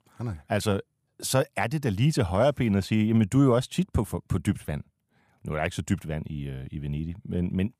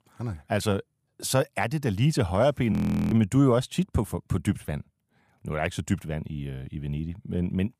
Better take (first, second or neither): first